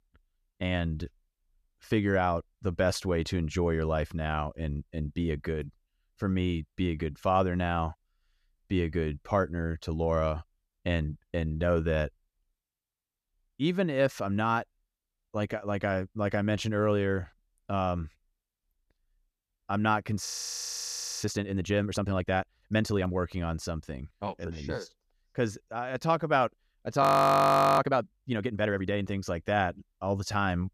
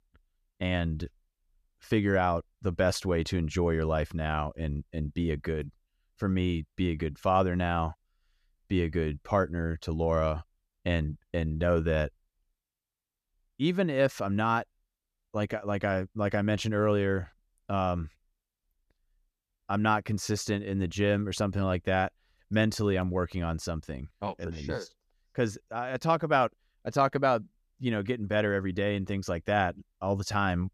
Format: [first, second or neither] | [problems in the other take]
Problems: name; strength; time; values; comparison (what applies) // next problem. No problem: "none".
second | audio freezing; at 20 s for 1 s and at 27 s for 1 s